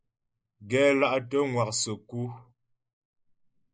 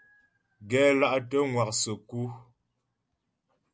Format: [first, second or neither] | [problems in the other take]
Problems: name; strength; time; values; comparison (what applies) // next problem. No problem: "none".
second | noise reduction (neural mask model Resemble Enhance denoiser)